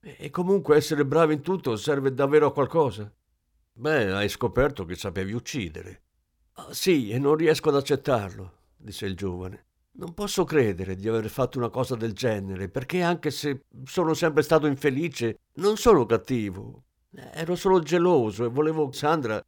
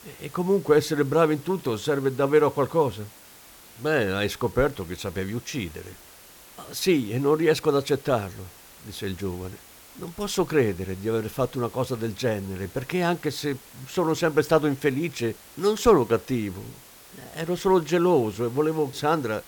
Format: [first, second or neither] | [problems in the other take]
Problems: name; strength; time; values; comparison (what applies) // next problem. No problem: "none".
first | hiss; faint; throughout; 20 dB below the speech